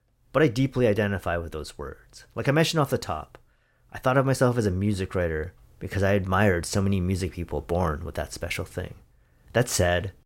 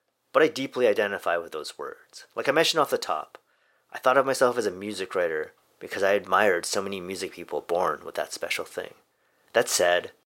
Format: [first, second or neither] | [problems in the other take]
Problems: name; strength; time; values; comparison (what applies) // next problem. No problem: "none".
first | thin; very; fading below 450 Hz